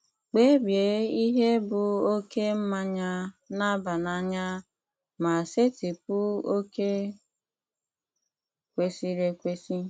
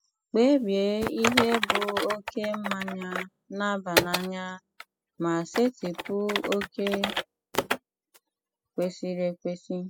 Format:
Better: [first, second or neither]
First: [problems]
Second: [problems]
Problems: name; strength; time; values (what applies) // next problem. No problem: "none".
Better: first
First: none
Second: noise reduction (classical method spectral subtraction)